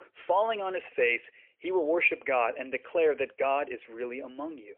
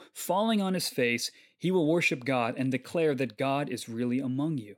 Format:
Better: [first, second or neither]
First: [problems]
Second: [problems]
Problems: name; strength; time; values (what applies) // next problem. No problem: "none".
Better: second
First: phone-call audio; poor line; nothing above 2.5 kHz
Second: none